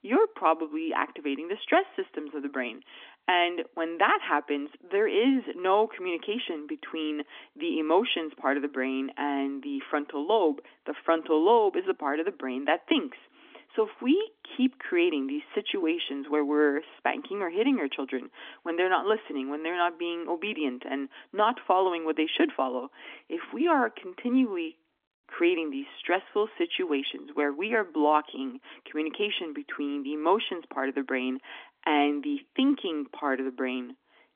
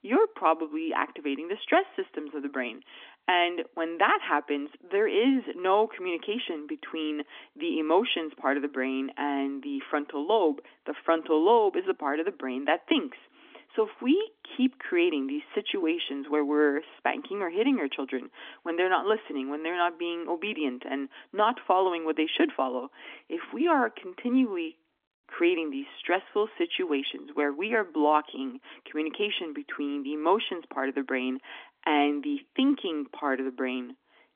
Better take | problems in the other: neither | phone-call audio; nothing above 3.5 kHz; the same in both

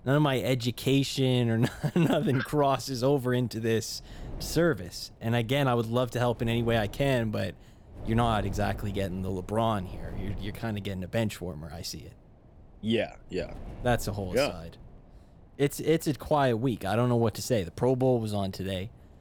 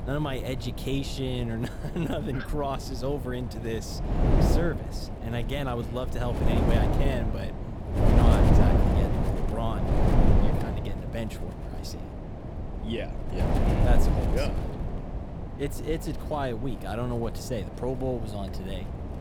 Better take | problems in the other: first | wind noise on the microphone; heavy; 1 dB below the speech; occasional gusts in the first

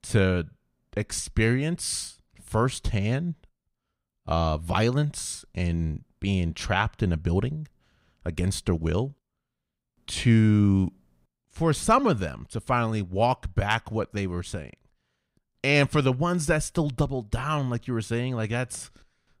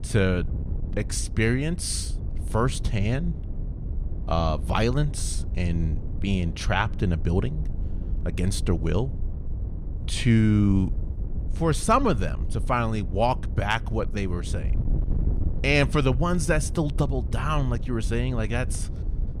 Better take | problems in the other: first | wind noise on the microphone; occasional gusts; 20 dB below the speech

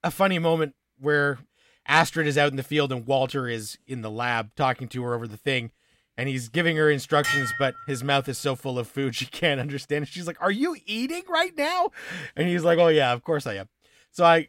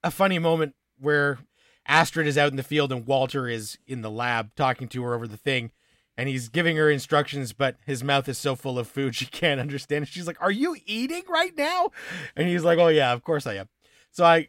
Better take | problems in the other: second | clattering dishes; loud; at 7 s; peak level with the speech

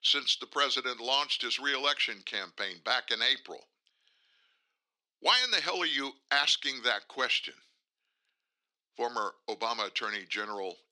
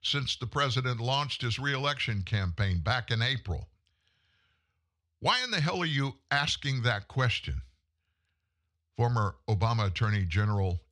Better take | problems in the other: second | thin; very; fading below 300 Hz

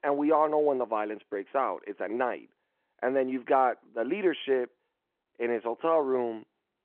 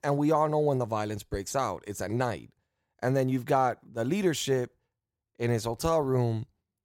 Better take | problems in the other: second | phone-call audio

